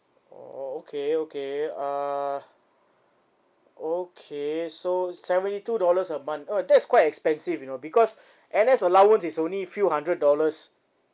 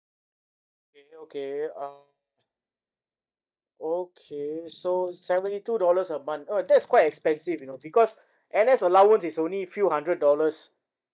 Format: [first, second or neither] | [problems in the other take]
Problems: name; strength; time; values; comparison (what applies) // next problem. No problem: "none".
first | noise reduction (neural mask model DeepFilterNet 3)